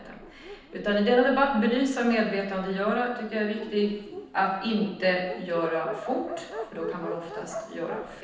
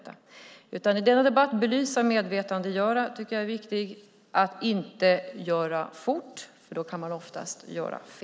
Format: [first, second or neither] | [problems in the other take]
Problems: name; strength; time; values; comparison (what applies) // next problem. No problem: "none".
second | background sound (Dog); 13 dB below the speech // room echo; dies away in 0.9 s